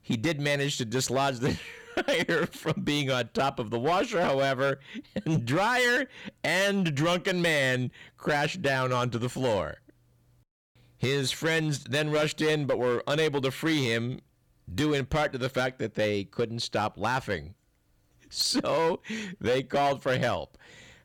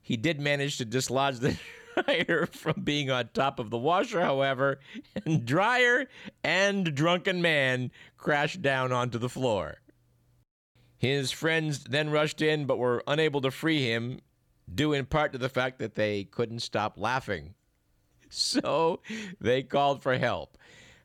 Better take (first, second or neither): second